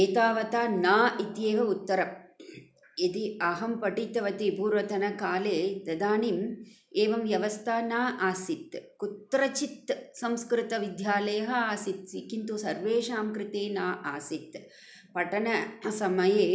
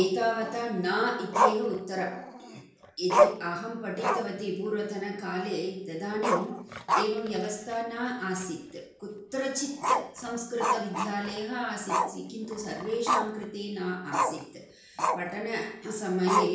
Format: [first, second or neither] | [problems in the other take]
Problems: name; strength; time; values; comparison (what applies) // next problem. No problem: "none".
first | background sound (Growling); as loud as the speech // room echo; dies away in 0.5 s